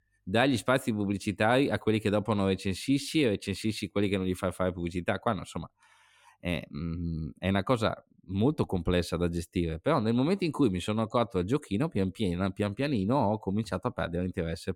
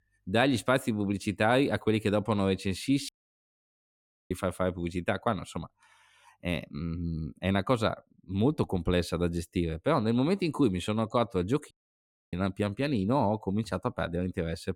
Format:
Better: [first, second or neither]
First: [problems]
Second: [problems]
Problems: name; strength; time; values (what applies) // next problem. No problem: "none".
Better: first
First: none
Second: audio cutting out; at 3 s for 1 s and at 12 s for 0.5 s